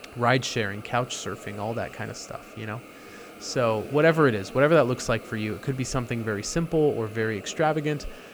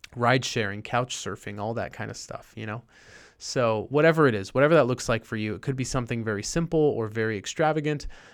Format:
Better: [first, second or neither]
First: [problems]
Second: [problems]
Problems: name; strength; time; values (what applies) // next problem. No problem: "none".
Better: second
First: hiss; noticeable; throughout; 15 dB below the speech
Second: none